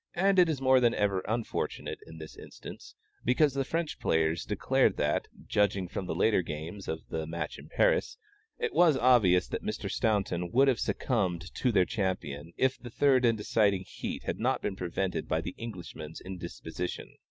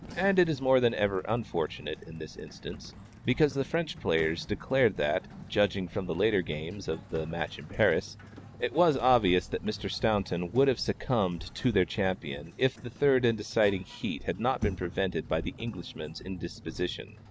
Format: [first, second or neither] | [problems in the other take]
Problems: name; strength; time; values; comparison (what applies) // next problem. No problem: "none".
first | background sound (Sliding door); 17 dB below the speech